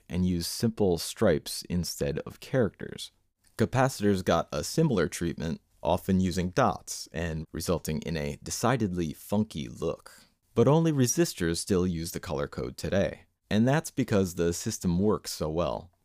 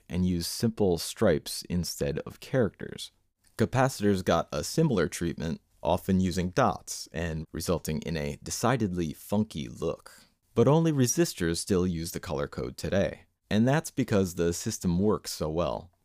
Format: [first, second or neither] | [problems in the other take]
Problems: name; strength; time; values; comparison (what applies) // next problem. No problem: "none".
neither | none